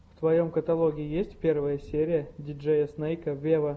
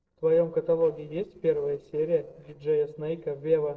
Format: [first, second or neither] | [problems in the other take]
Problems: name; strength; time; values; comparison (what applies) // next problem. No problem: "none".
first | noise reduction (neural separator model SepFormer DNS4)